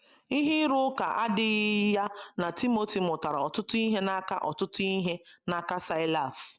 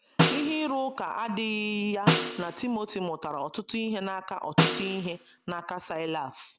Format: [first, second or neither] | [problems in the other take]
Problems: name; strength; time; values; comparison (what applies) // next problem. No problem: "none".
first | background sound (Snare drum); 1 dB above the speech